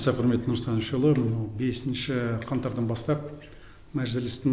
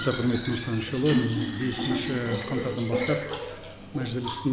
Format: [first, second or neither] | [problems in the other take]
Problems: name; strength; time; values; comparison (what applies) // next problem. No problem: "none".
first | background sound (Fill (with liquid)); 4 dB below the speech